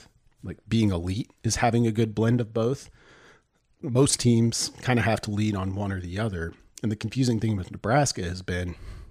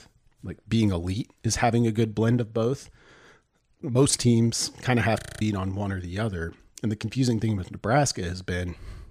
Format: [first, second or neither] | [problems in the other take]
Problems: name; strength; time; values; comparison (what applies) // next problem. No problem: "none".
first | audio freezing; at 5 s